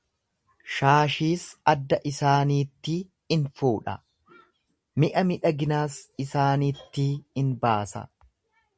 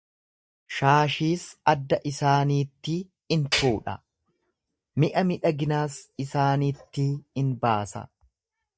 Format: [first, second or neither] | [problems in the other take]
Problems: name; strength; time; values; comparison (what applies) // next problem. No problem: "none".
first | noise reduction (neural mask model DeepFilterNet 3)